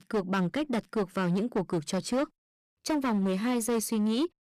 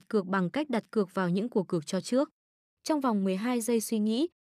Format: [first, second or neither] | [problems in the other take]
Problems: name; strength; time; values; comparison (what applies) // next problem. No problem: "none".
second | distortion; slight; 13% of the sound clipped